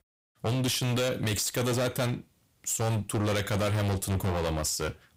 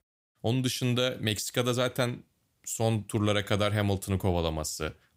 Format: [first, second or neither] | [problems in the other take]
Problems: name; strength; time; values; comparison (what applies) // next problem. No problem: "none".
second | distortion; heavy; 25% of the sound clipped